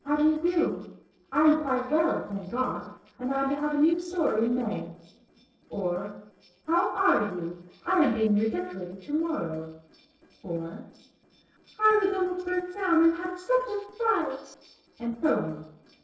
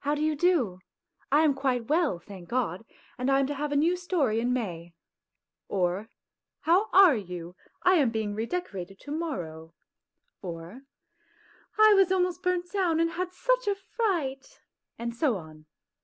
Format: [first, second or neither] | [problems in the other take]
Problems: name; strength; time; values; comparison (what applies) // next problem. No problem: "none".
second | noise reduction (neural separator model SepFormer DNS4)